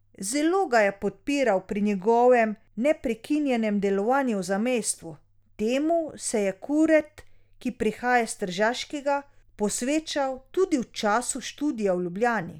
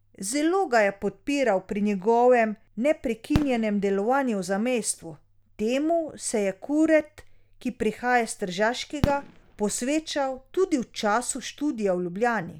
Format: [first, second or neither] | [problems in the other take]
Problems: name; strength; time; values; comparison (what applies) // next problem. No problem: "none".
first | background sound (Fireworks); 15 dB below the speech